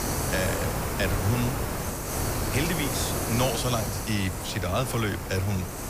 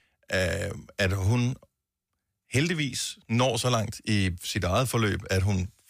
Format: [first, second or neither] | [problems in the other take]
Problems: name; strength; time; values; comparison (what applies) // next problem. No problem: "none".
second | hiss; loud; throughout; 1 dB below the speech